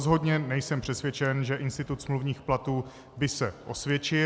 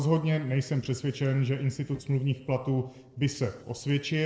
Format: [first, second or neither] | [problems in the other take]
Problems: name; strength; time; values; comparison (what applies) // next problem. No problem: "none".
first | noise reduction (neural separator model SepFormer DNS4)